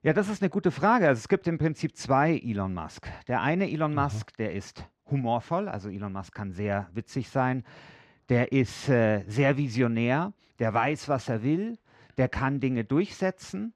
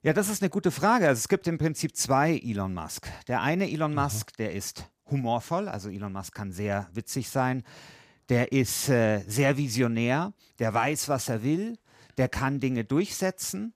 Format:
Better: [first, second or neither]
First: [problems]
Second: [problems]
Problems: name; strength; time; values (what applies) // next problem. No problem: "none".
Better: second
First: muffled; slightly; fading above 3 kHz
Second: none